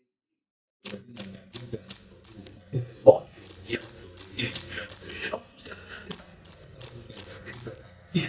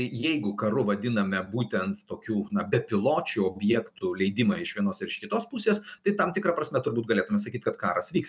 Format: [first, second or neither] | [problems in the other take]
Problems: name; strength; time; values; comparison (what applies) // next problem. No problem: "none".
second | noise reduction (neural mask model DeepFilterNet 3)